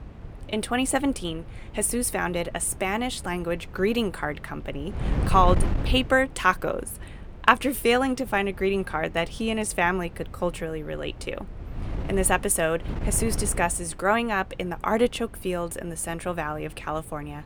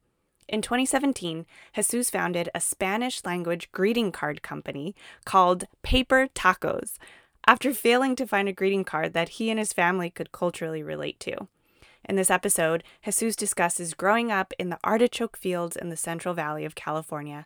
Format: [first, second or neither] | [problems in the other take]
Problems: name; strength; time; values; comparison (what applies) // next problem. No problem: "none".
second | wind noise on the microphone; occasional gusts; 20 dB below the speech